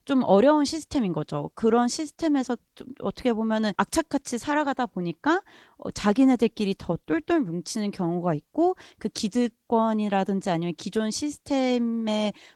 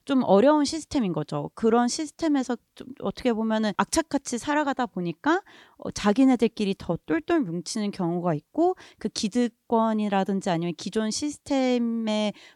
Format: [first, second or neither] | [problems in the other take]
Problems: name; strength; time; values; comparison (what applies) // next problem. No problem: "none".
second | garbled, watery; slightly; nothing above 18.5 kHz